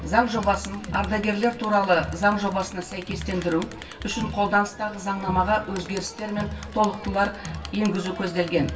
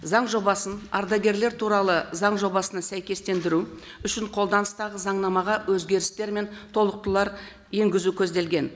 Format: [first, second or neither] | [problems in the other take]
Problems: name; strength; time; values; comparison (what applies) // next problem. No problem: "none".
second | background sound (Crowd); 11 dB below the speech // room echo; dies away in 0.1 s